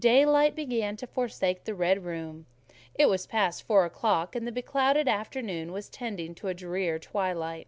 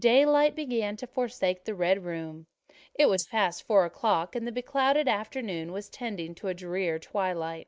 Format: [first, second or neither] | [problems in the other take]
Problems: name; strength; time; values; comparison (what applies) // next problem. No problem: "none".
first | noise reduction (neural mask model Resemble Enhance denoiser)